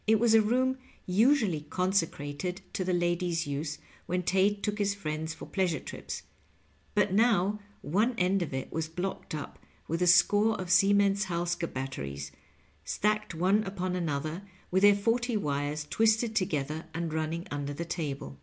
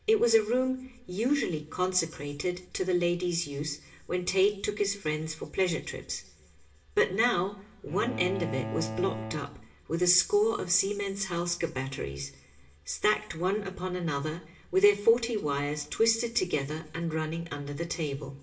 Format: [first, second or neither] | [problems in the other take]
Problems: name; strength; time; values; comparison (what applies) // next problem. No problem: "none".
first | background sound (Bowed string instrument); 10 dB below the speech // room echo; dies away in 0.8 s